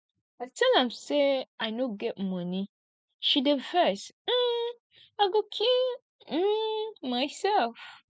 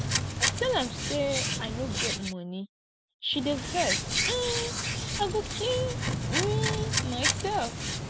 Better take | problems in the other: first | background sound (Hands); 2 dB above the speech

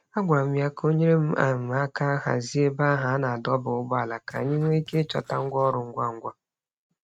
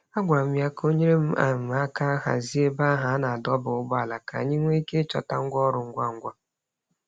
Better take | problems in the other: second | noise reduction (neural mask model RNNoise)

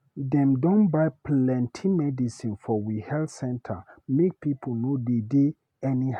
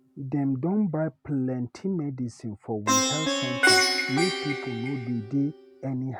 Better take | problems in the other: first | background sound (Plucked string instrument); as loud as the speech

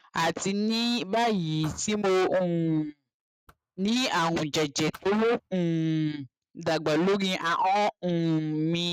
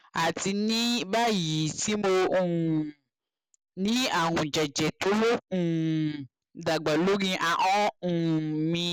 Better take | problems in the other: second | noise reduction (neural mask model RNNoise)

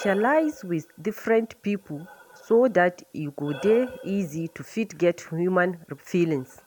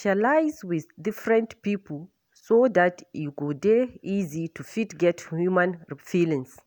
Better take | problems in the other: second | background sound (Breathing); 19 dB below the speech

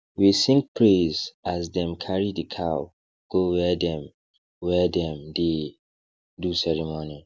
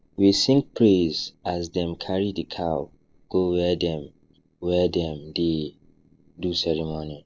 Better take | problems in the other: first | noise reduction (neural separator model SepFormer DNS4)

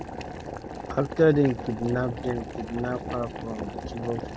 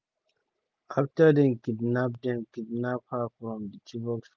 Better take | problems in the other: second | background sound (Boiling); 8 dB below the speech

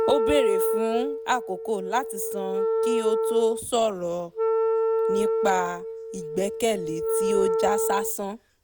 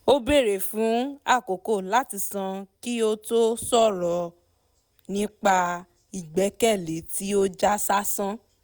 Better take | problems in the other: second | background sound (Wind instrument, woodwind instrument); 2 dB above the speech

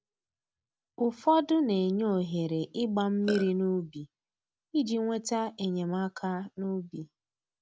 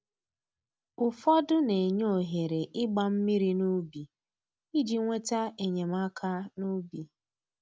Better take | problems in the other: second | background sound (Burping, eructation); 8 dB below the speech

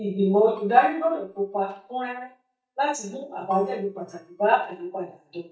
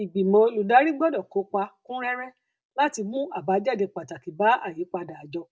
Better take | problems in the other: second | noise reduction (neural mask model DeepFilterNet 3)

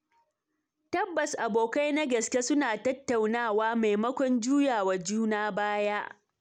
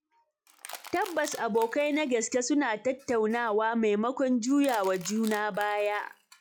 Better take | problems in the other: first | noise reduction (classical method log-MMSE)

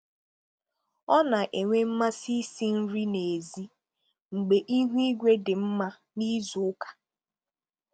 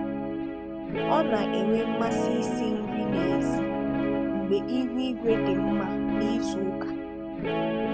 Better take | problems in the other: first | background sound (Guitar); 4 dB above the speech

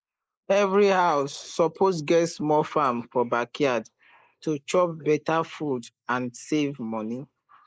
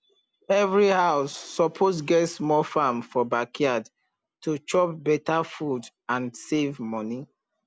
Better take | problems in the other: second | noise reduction (neural mask model Resemble Enhance denoiser)

